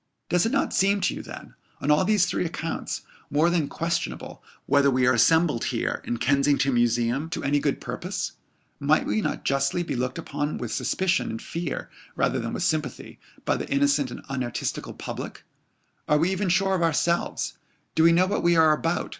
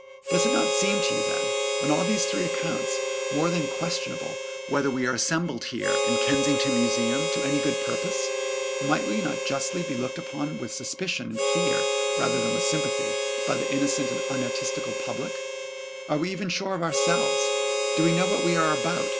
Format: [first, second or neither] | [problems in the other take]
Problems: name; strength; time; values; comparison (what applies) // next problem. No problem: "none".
first | background sound (Harmonica); 2 dB above the speech